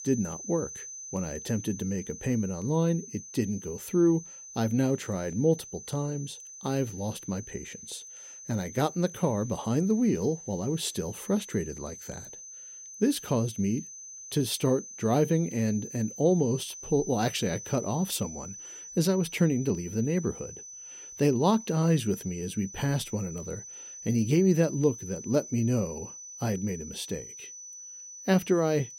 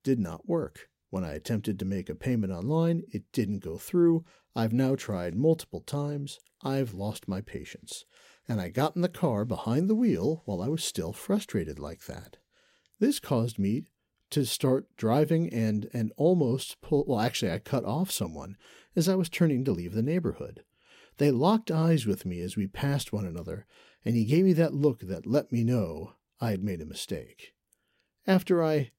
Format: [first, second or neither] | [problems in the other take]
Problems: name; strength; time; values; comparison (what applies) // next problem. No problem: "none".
second | high-pitched whine; noticeable; throughout; 6 kHz, 15 dB below the speech